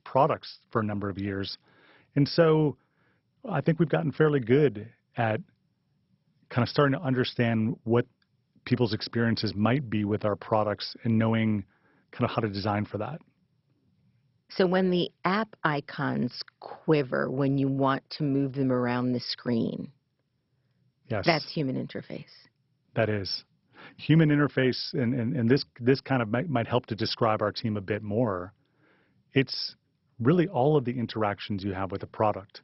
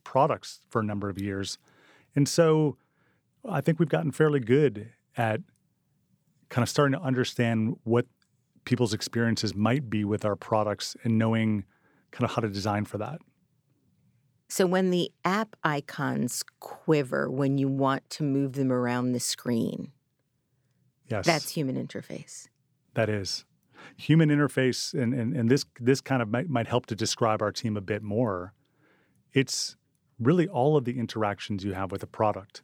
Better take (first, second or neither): second